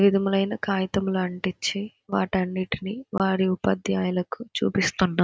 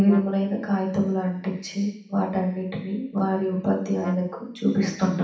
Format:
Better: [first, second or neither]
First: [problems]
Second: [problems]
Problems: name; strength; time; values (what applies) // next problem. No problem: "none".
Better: first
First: none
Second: background sound (Brass instrument); 18 dB below the speech // room echo; dies away in 0.7 s